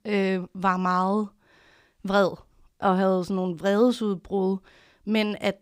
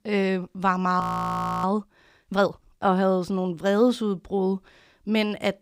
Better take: first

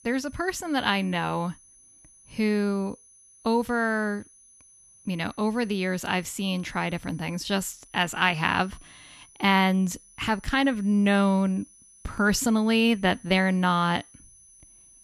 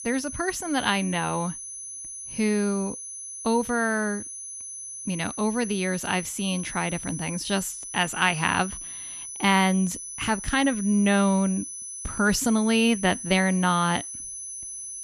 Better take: first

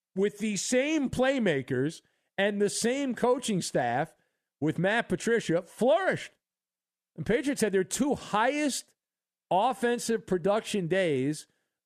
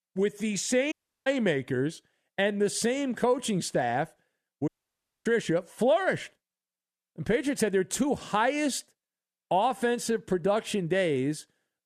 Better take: first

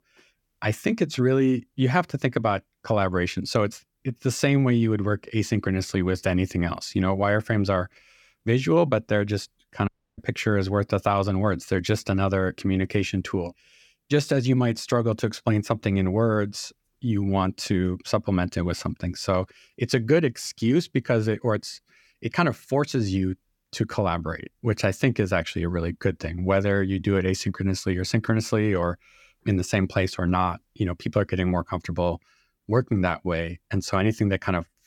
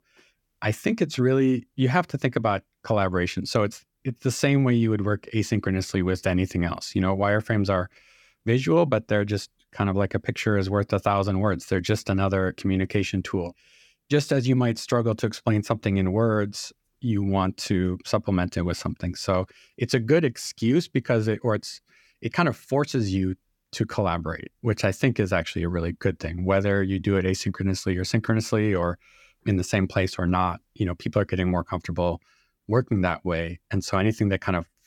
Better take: second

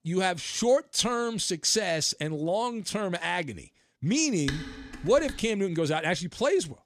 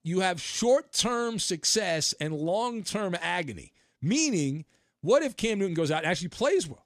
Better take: second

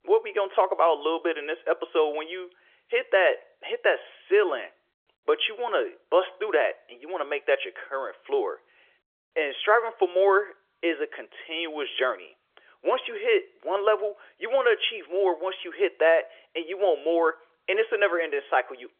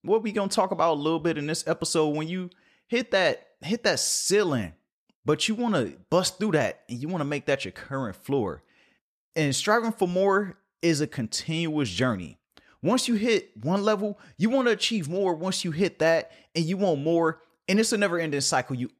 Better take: second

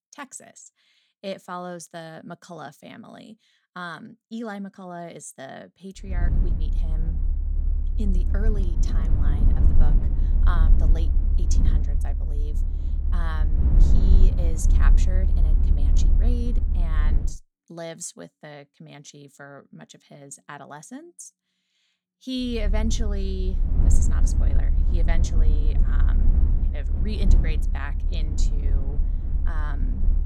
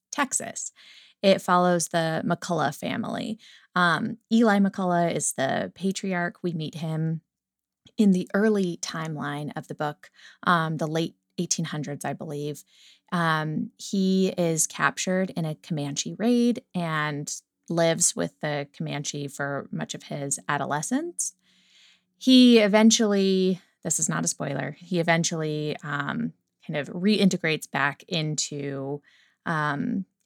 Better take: second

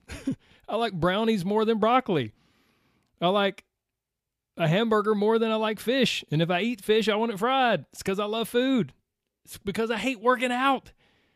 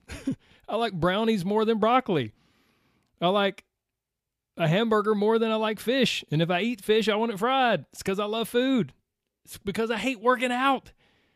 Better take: neither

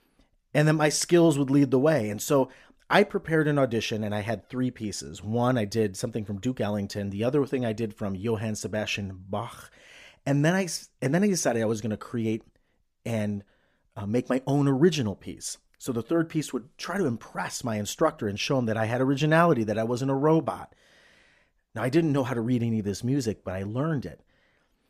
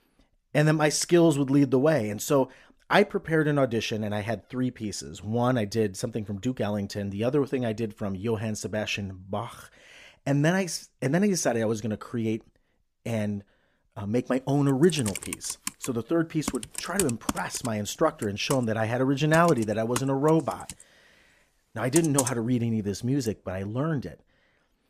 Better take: first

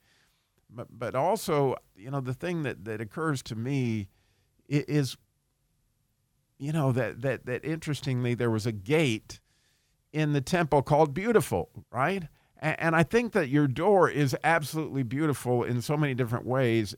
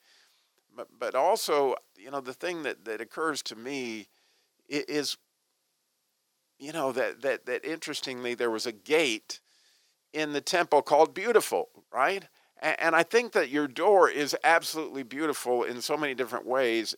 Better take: first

